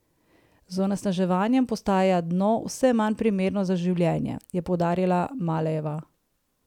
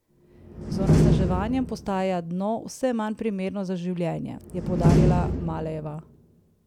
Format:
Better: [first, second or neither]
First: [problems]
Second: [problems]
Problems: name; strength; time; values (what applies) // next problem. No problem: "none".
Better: first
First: none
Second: background sound (Slam); 3 dB above the speech